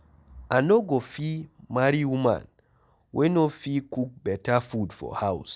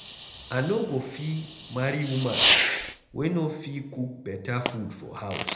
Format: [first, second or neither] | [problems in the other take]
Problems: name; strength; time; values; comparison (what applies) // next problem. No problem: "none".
first | background sound (Fireworks); as loud as the speech // room echo; dies away in 0.7 s